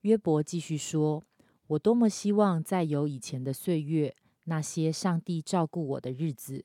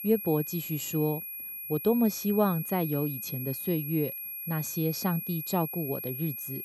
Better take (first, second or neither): first